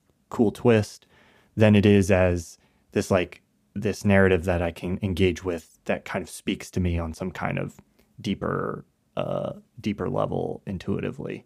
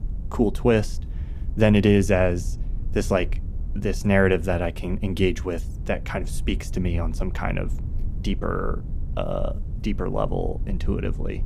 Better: first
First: none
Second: low rumble; faint; throughout; 20 dB below the speech

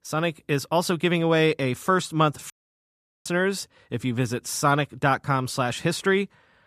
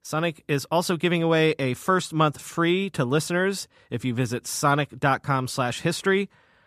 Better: second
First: audio cutting out; at 2.5 s for 1 s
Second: none

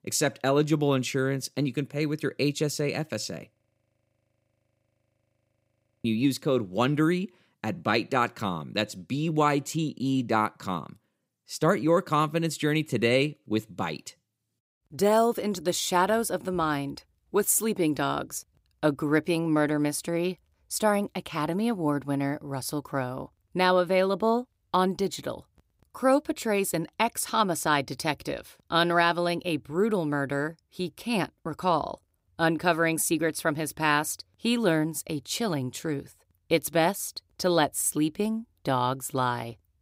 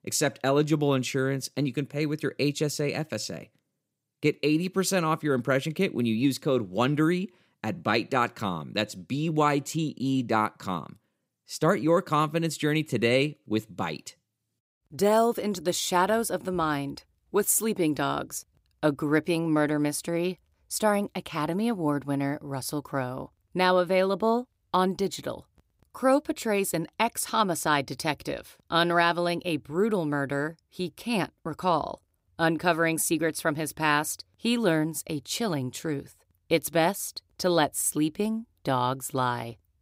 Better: second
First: audio freezing; at 3.5 s for 2.5 s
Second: none

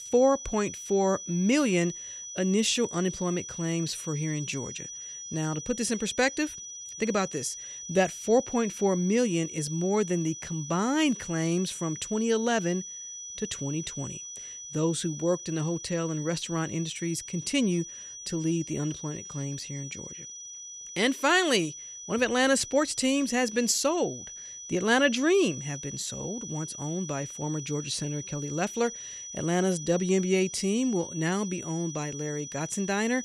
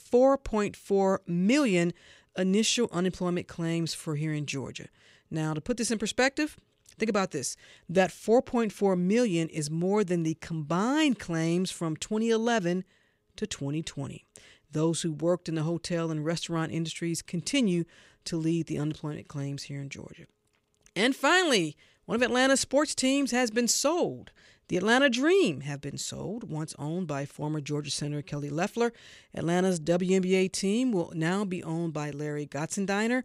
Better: second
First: high-pitched whine; noticeable; throughout; 6 kHz, 10 dB below the speech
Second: none

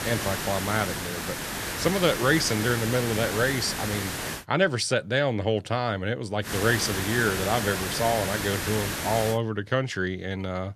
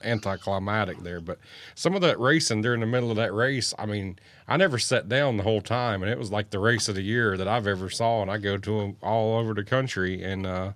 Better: second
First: hiss; loud; until 4.5 s and from 6.5 to 9.5 s; 4 dB below the speech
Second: none

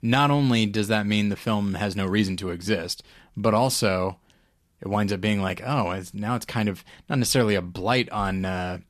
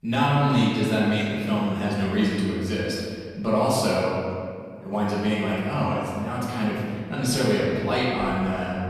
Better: first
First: none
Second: room echo; strong; dies away in 1.8 s // off-mic speech; far

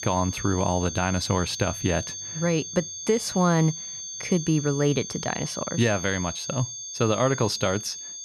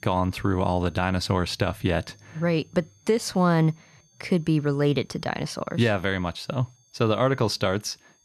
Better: second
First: high-pitched whine; loud; throughout; 6.5 kHz, 7 dB below the speech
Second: high-pitched whine; faint; throughout; 6.5 kHz, 35 dB below the speech

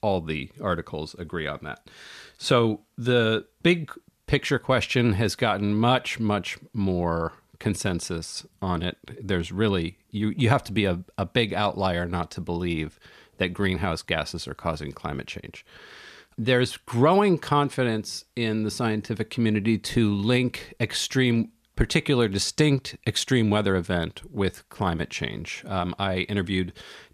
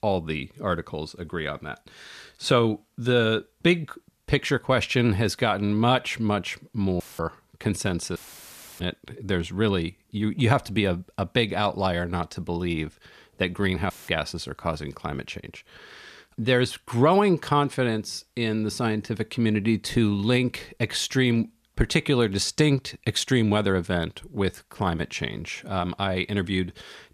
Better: first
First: none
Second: audio cutting out; filled with static; at 7 s, at 8 s for 0.5 s and at 14 s

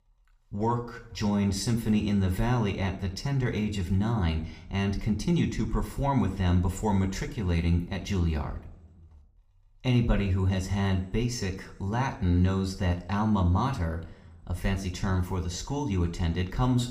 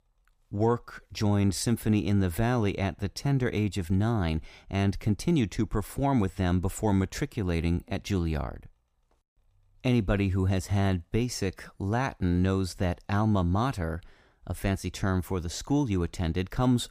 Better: second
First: room echo; very slight; dies away in 0.5 s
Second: none

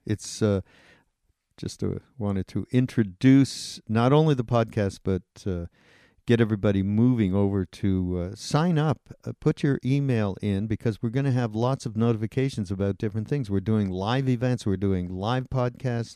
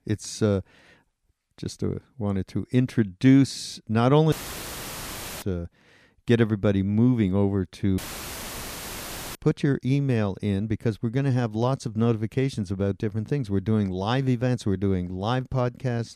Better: first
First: none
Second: audio cutting out; filled with static; at 4.5 s for 1 s and at 8 s for 1.5 s

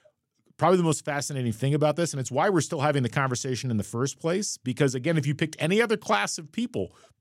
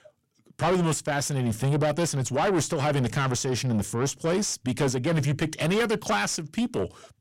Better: first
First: none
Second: distortion; heavy; 7 dB below the speech

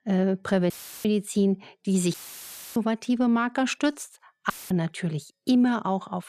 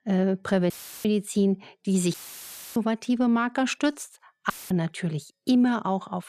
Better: neither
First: audio cutting out; filled with static; at 0.5 s, at 2 s for 0.5 s and at 4.5 s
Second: audio cutting out; filled with static; at 0.5 s, at 2 s for 0.5 s and at 4.5 s

